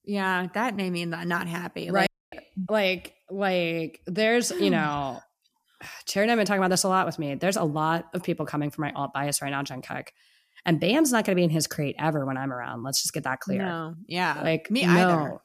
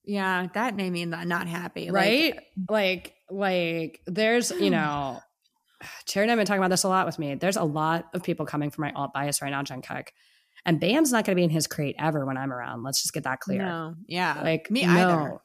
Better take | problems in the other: second | audio cutting out; at 2 s

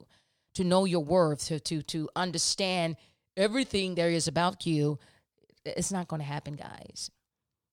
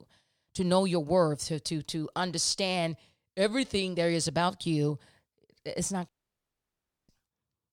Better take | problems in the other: first | audio cutting out; at 6 s for 1 s

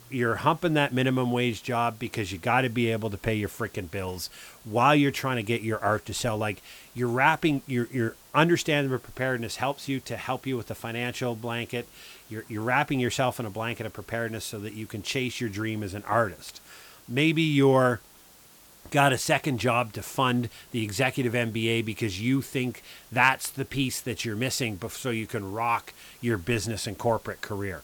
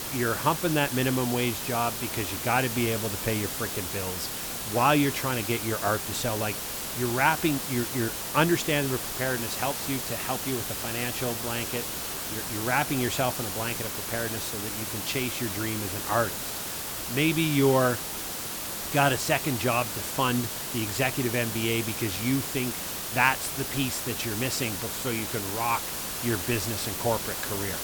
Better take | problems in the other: first | hiss; loud; throughout; 3 dB below the speech; faint in the first

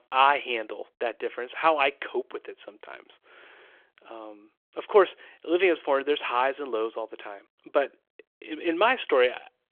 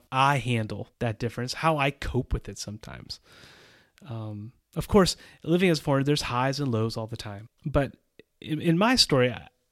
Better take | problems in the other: second | phone-call audio

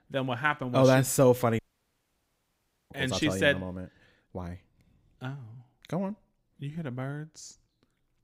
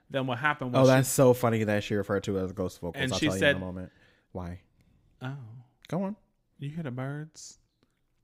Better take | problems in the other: second | audio cutting out; at 1.5 s for 1.5 s

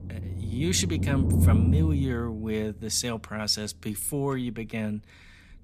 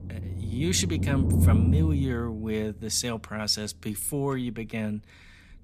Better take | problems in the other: neither | low rumble; loud; throughout; 6 dB below the speech; the same in both

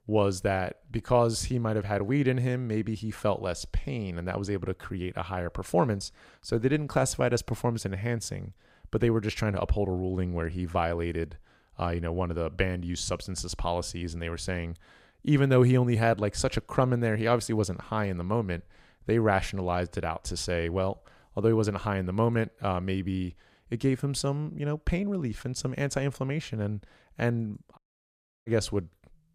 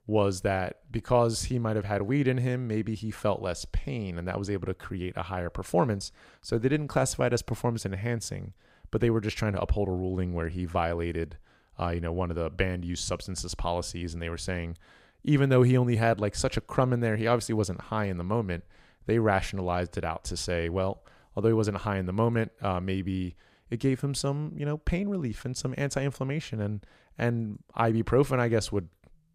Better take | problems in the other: second | audio cutting out; at 28 s for 0.5 s

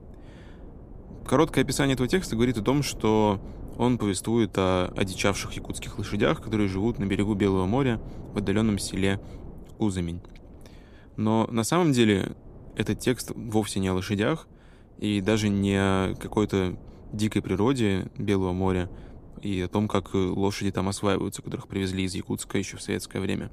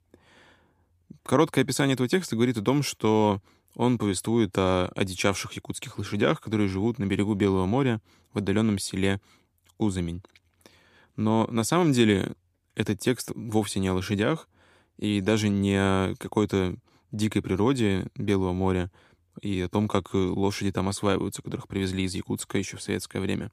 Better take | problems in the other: second | wind noise on the microphone; occasional gusts; 20 dB below the speech

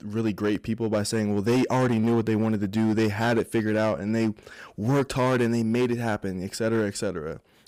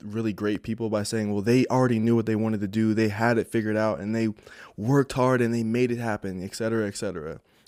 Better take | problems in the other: second | distortion; slight; 9% of the sound clipped

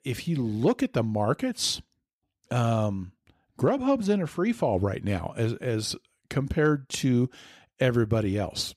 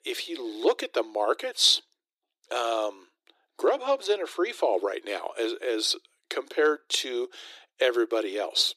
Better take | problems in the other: first | thin; very; fading below 350 Hz

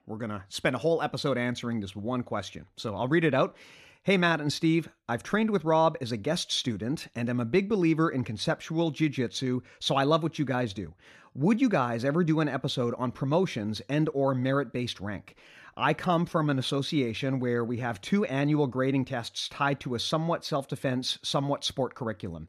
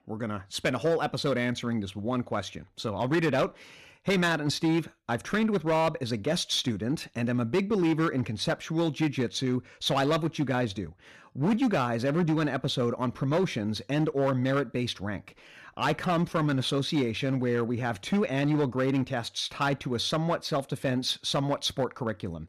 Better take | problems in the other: first | distortion; slight; 7% of the sound clipped

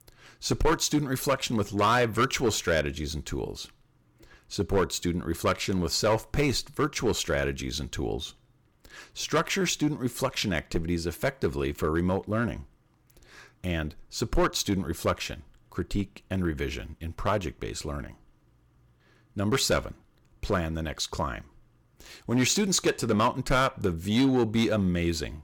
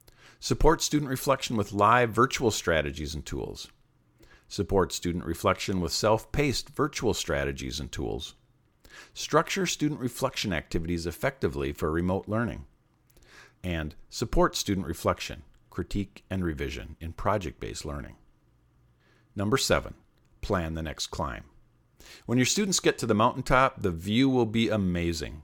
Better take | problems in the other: second | distortion; slight; 3% of the sound clipped

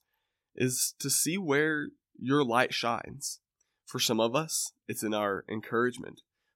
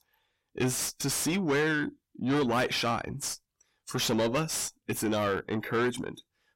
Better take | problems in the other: first | distortion; heavy; 6 dB below the speech

